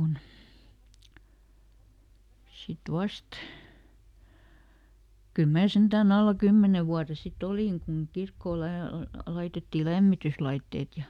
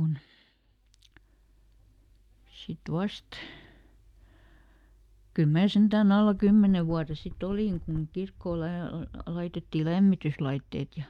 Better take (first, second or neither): first